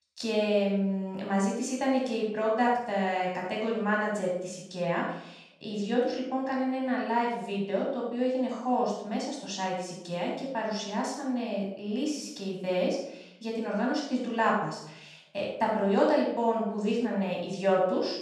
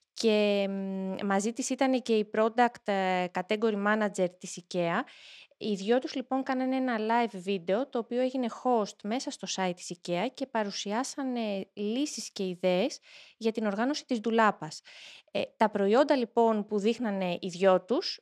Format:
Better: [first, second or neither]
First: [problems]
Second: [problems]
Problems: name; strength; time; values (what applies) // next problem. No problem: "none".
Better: second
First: off-mic speech; far // room echo; noticeable; dies away in 0.6 s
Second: none